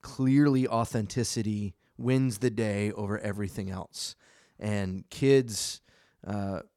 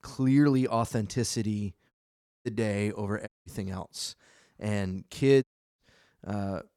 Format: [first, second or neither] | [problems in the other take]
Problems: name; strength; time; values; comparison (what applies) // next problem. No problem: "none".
first | audio cutting out; at 2 s for 0.5 s, at 3.5 s and at 5.5 s